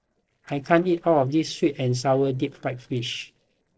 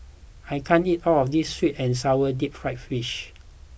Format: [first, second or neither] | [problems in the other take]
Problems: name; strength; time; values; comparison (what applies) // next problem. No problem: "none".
second | noise reduction (neural separator model SepFormer DNS4)